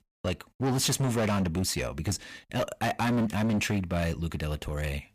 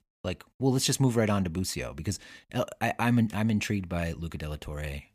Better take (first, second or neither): second